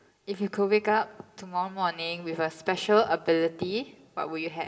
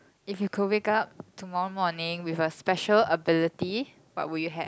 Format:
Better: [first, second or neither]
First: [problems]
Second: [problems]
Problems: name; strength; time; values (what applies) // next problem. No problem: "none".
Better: second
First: room echo; dies away in 0.5 s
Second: none